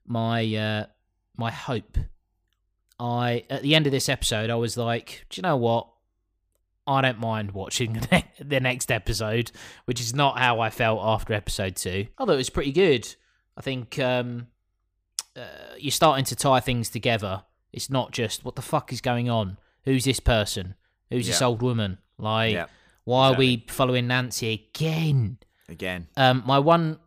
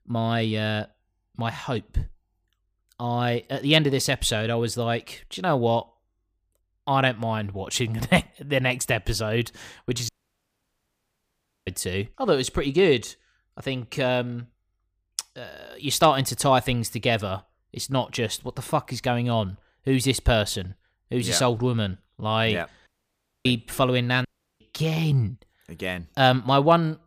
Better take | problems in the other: first | audio cutting out; at 10 s for 1.5 s, at 23 s for 0.5 s and at 24 s

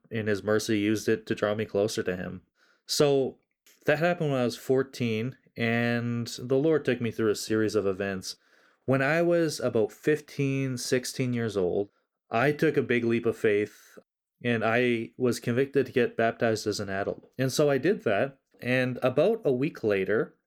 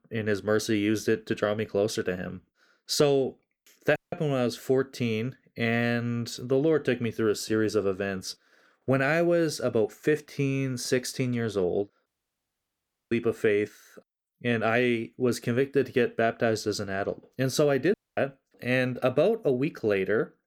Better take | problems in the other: first | audio cutting out; at 4 s, at 12 s for 1 s and at 18 s

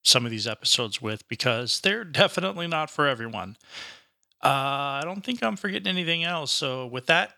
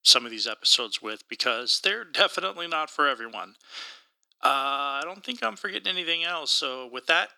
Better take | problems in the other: first | thin; somewhat; fading below 300 Hz

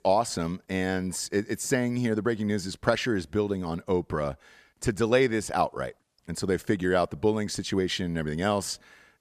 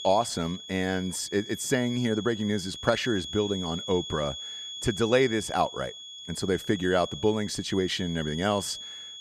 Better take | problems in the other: first | high-pitched whine; loud; throughout; 3.5 kHz, 9 dB below the speech

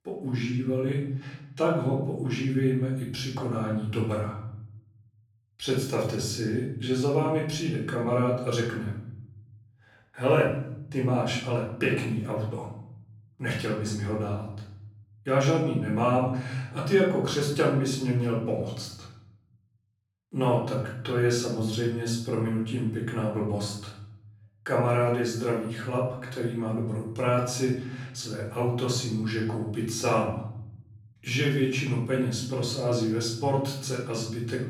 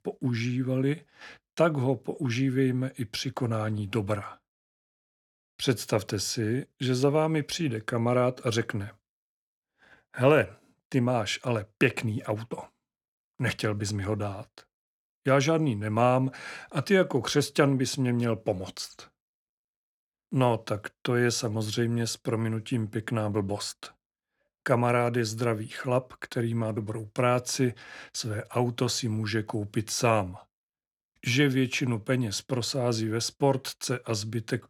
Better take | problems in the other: second | off-mic speech; far // room echo; noticeable; dies away in 0.9 s

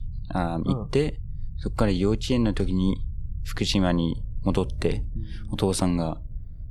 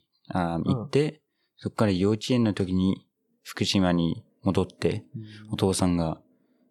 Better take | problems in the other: second | low rumble; faint; throughout; 25 dB below the speech

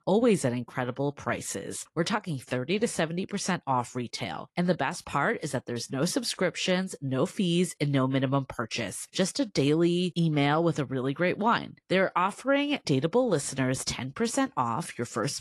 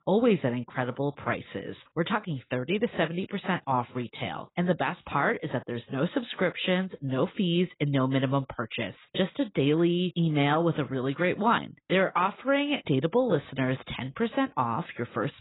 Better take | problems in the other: first | garbled, watery; badly; nothing above 4 kHz; slightly in the first

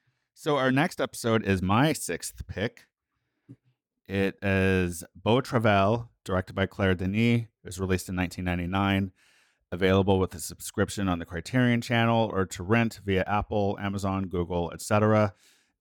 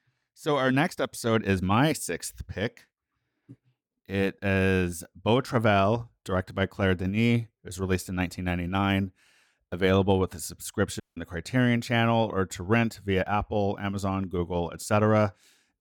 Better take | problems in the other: first | audio cutting out; at 11 s

